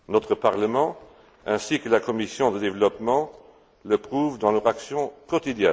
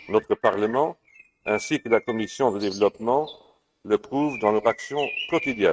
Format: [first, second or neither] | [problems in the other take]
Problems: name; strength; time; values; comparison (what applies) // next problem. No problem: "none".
first | noise reduction (neural mask model RNNoise)